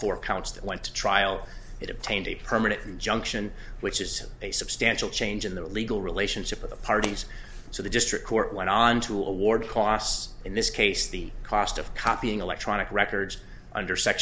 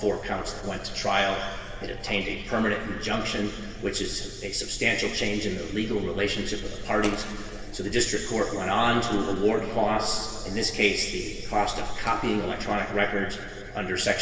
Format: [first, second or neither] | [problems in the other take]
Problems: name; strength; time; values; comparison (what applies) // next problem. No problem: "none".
first | room echo; dies away in 2.5 s